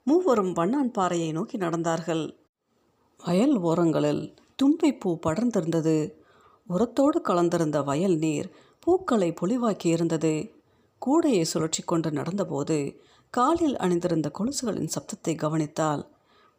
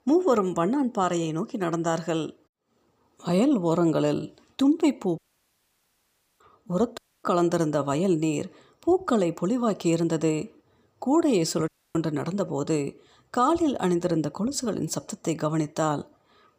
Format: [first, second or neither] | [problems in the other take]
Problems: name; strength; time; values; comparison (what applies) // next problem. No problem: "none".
first | audio cutting out; at 5 s for 1 s, at 7 s and at 12 s